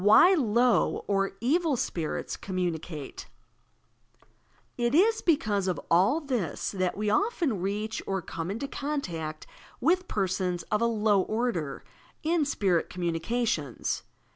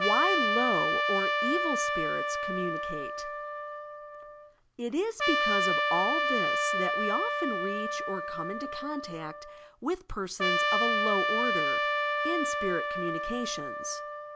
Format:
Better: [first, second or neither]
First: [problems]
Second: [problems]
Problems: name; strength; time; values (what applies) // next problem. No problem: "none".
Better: first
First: none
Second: background sound (Trumpet); 4 dB above the speech